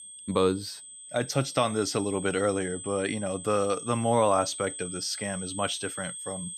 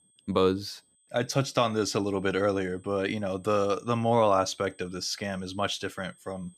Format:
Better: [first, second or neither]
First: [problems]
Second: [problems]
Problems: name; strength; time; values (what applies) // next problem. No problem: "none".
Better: second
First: high-pitched whine; loud; throughout; 8 kHz, 9 dB below the speech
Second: high-pitched whine; faint; throughout; 8 kHz, 30 dB below the speech